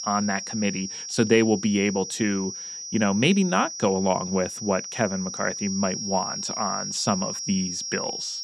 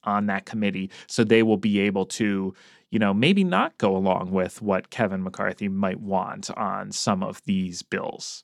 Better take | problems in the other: second | high-pitched whine; loud; throughout; 5.5 kHz, 6 dB below the speech

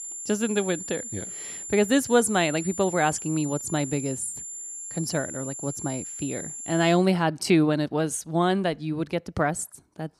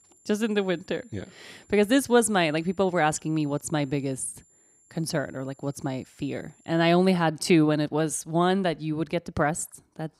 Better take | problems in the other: second | high-pitched whine; loud; until 7 s; 7.5 kHz, 8 dB below the speech; faint in the second

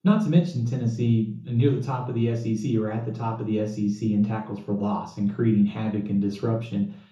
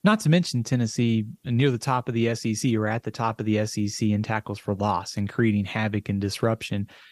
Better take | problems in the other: second | room echo; noticeable; dies away in 0.8 s // off-mic speech; far

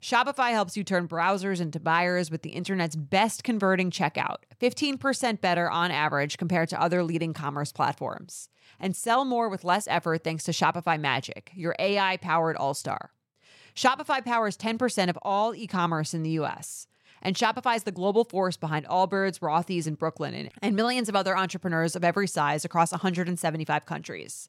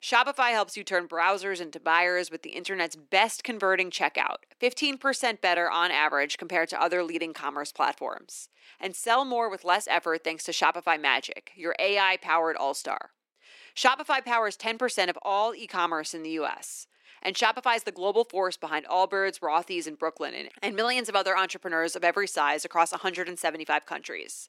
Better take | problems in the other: first | thin; somewhat; fading below 300 Hz

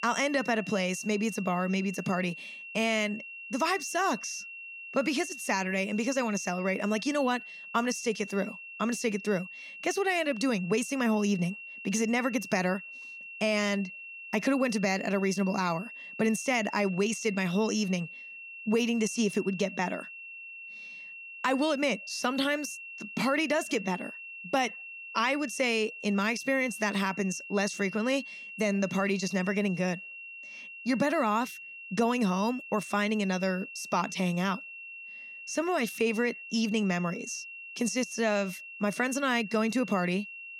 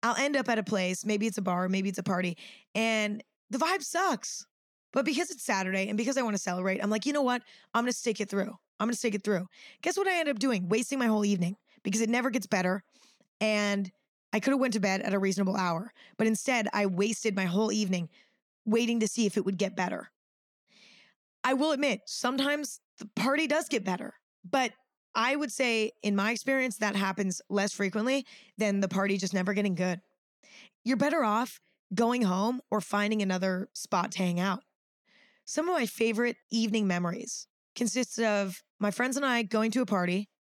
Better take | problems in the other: second | high-pitched whine; noticeable; throughout; 2.5 kHz, 10 dB below the speech

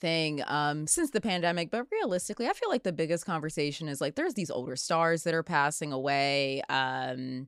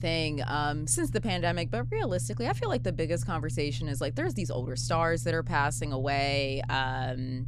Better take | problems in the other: first | low rumble; noticeable; throughout; 20 dB below the speech

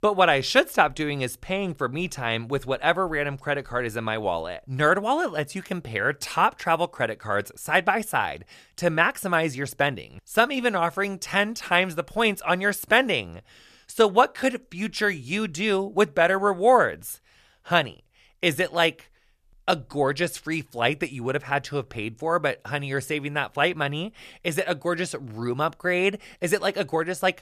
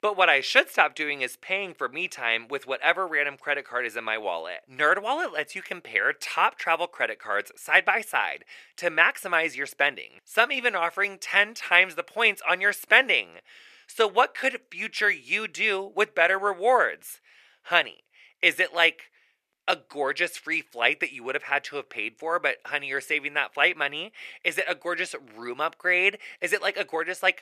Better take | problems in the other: first | thin; somewhat; fading below 400 Hz

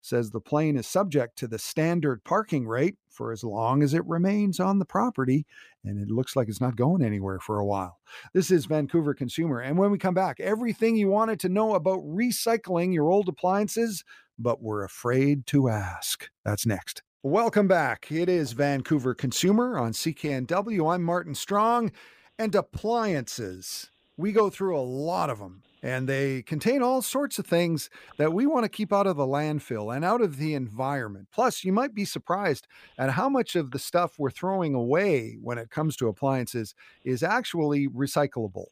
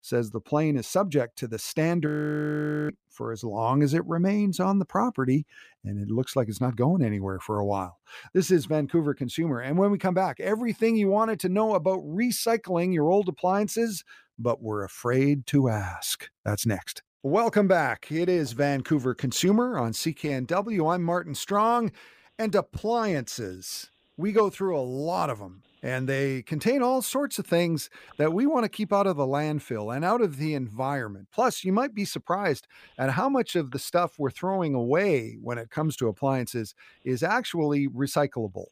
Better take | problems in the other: first | audio freezing; at 2 s for 1 s

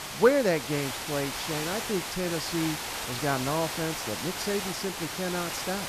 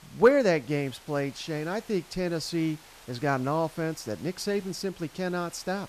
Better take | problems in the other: second | hiss; loud; throughout; 3 dB below the speech; faint in the second

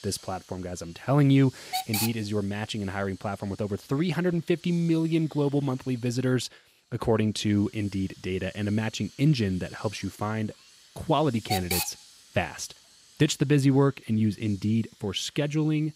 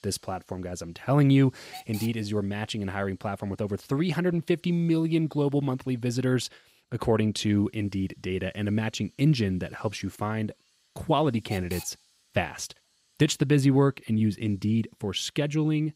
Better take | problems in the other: second | hiss; loud; throughout; 8 dB below the speech; faint in the second

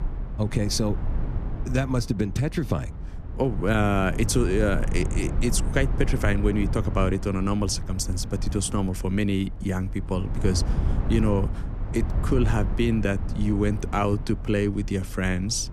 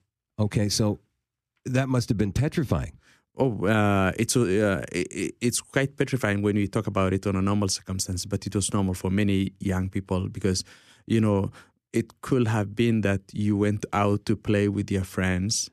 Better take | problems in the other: second | low rumble; noticeable; throughout; 15 dB below the speech

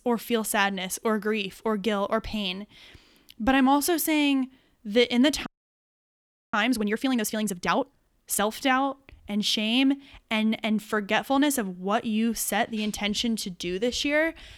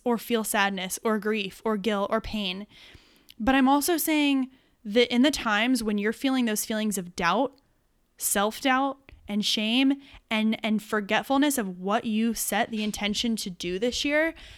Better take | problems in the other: second | audio freezing; at 5.5 s for 1 s

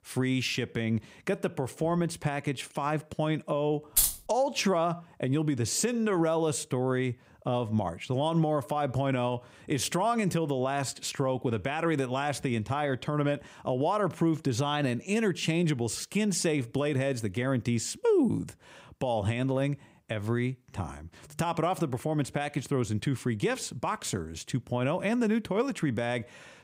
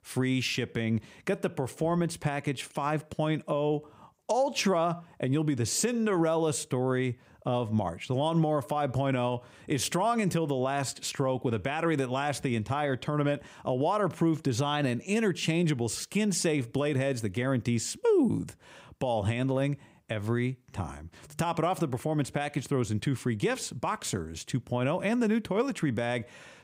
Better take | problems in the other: second | jangling keys; loud; at 4 s; peak 5 dB above the speech

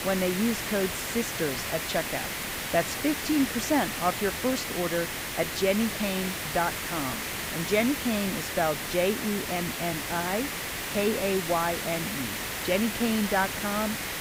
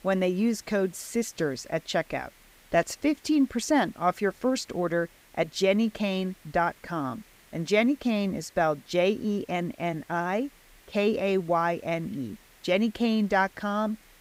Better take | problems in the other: second | hiss; loud; throughout; 2 dB below the speech; faint in the second

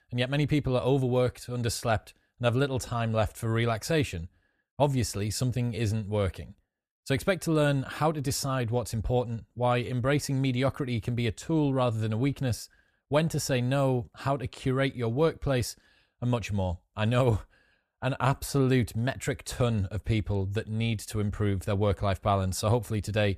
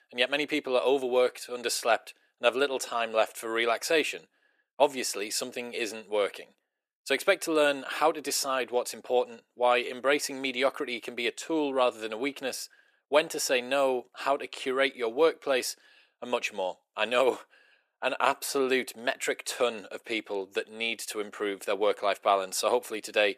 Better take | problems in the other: first | thin; very; fading below 350 Hz

